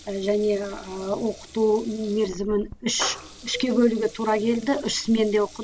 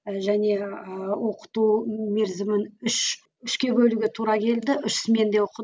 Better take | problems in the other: second | background sound (Cowbell + Water tap, faucet / Liquid); 16 dB below the speech

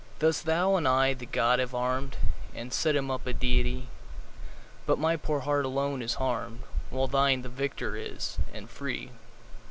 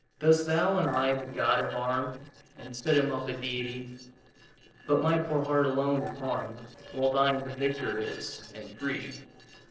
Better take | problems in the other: first | noise reduction (neural separator model SepFormer DNS4)

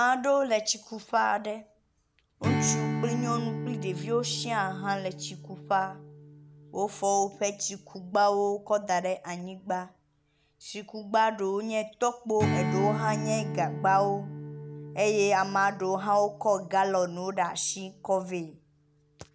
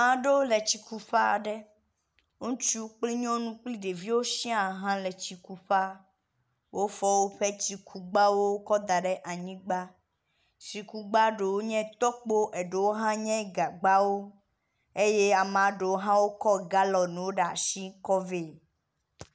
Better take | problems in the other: second | background sound (Strum); 8 dB below the speech

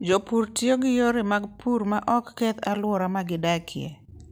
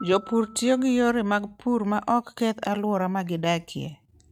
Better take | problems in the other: first | noise reduction (neural mask model RNNoise)

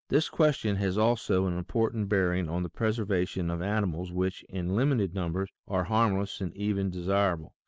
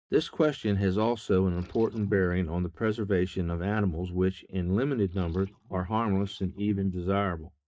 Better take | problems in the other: first | noise reduction (neural mask model DeepFilterNet 3)

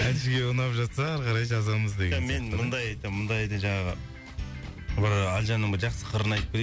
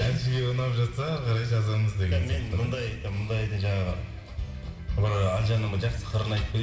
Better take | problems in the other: first | room echo; dies away in 2.2 s

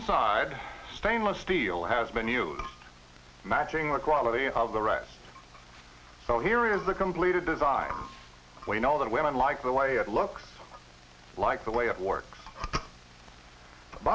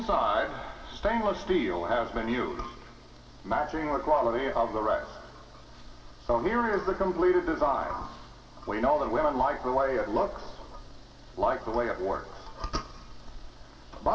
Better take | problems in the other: first | background sound (Train); 19 dB below the speech // room echo; dies away in 2.1 s

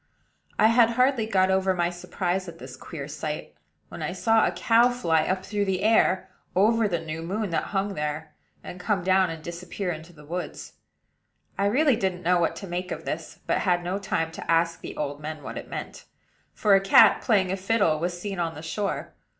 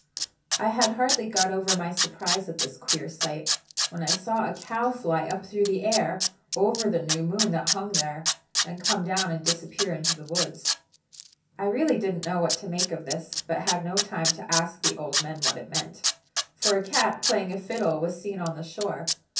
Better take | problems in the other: first | background sound (Tools); 2 dB below the speech // room echo; dies away in 0.3 s

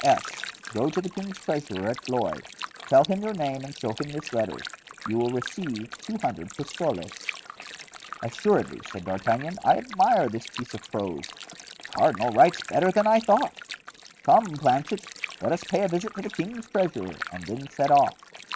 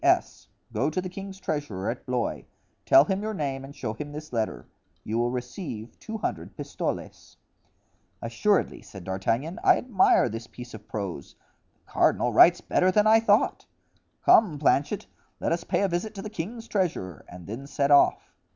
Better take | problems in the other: second | noise reduction (neural mask model RNNoise)

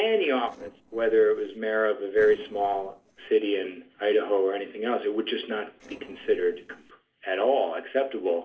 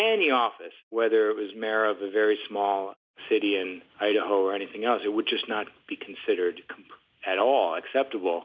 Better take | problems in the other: second | noise reduction (neural separator model SepFormer DNS4)

